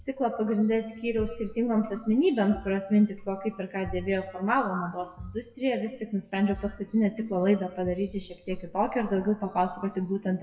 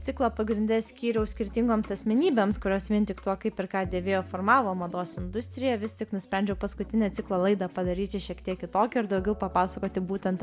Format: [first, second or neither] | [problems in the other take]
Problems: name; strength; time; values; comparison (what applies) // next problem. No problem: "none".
second | noise reduction (classical method WPE with log-MMSE)